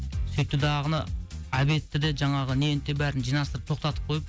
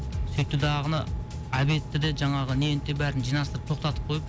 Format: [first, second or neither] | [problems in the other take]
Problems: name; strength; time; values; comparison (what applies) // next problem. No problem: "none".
first | background sound (Engine); 11 dB below the speech